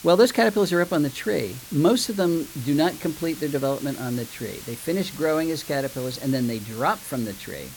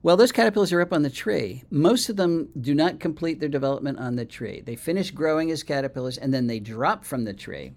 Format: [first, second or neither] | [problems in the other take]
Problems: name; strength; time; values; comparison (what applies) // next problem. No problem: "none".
second | hiss; noticeable; throughout; 15 dB below the speech